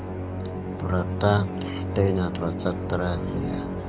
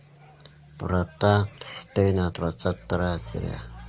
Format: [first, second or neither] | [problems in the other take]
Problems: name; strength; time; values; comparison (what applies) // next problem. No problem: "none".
second | background sound (Musical instrument); 3 dB below the speech